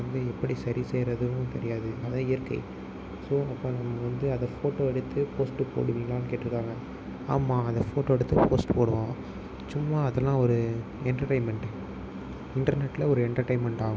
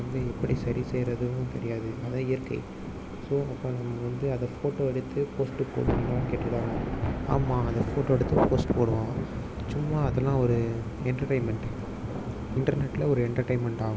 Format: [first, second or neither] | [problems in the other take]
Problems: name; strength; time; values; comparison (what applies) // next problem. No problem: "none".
first | background sound (Thunder / Rain); 6 dB below the speech